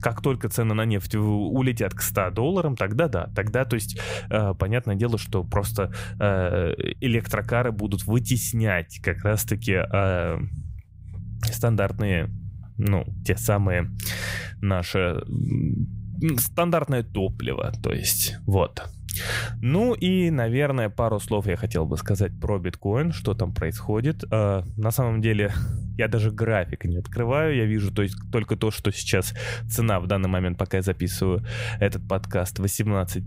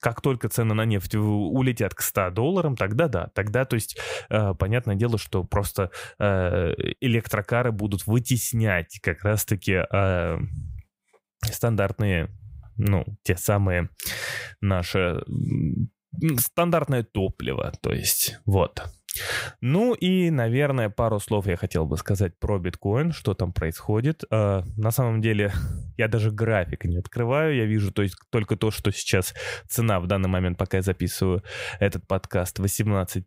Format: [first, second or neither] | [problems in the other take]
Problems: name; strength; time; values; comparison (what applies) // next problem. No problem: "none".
second | low rumble; faint; throughout; 20 dB below the speech